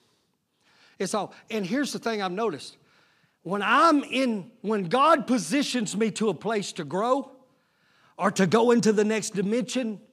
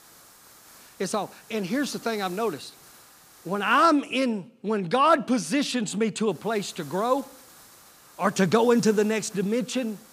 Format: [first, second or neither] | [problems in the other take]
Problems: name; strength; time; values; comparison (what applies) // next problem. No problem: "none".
first | hiss; faint; until 4 s and from 6.5 s on; 25 dB below the speech